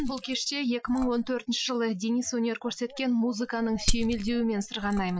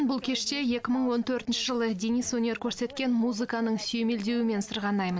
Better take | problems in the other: second | noise reduction (classical method Wiener filter)

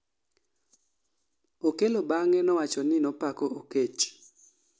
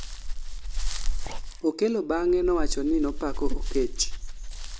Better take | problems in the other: first | background sound (Dog); 1 dB above the speech

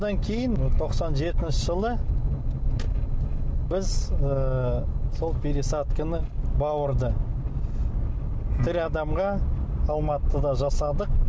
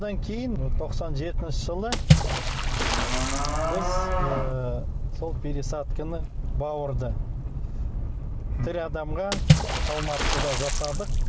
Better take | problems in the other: first | background sound (Water / Splash, splatter + Livestock, farm animals, working animals); 2 dB below the speech

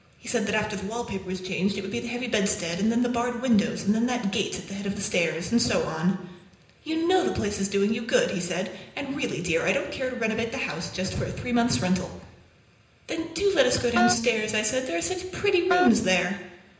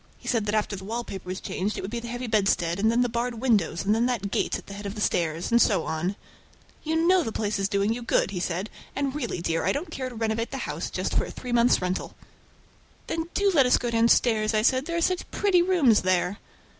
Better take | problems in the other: second | background sound (Wind instrument, woodwind instrument); 2 dB below the speech // room echo; dies away in 0.9 s

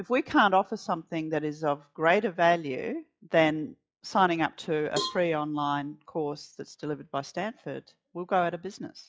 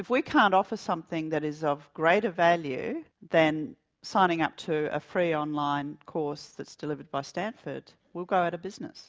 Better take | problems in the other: second | noise reduction (classical method log-MMSE)

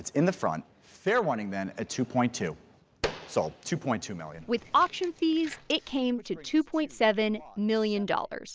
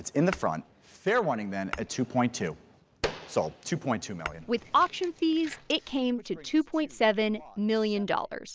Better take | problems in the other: first | background sound (Tap / Glass); 17 dB below the speech

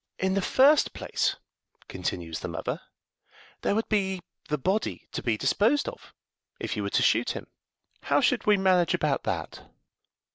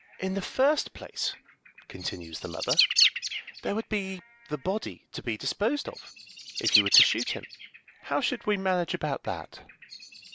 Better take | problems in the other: first | background sound (Bird); 1 dB below the speech

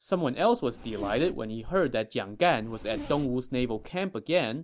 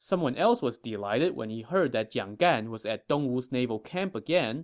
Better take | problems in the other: second | background sound (Zipper (clothing)); 13 dB below the speech

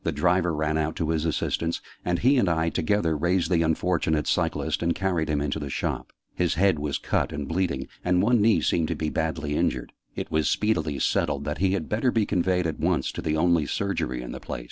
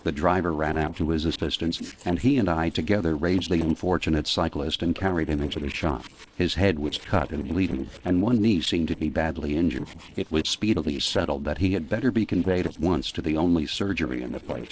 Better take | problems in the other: first | noise reduction (neural separator model SepFormer DNS4)

